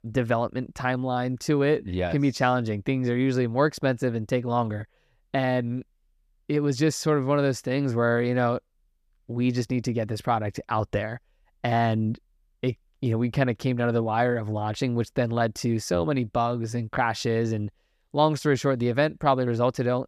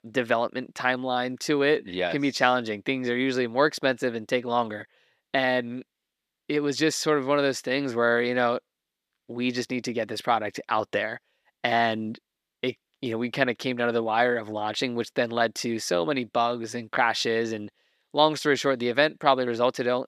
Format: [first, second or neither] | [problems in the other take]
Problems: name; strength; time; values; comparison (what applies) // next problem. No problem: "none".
first | thin; very slightly; fading below 300 Hz